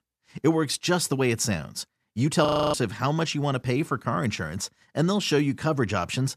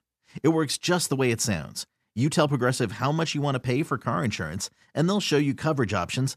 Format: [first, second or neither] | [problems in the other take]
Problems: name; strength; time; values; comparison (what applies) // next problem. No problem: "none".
second | audio freezing; at 2.5 s